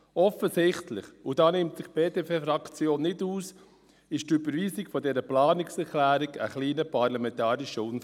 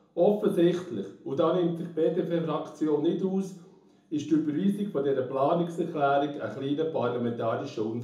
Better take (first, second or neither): first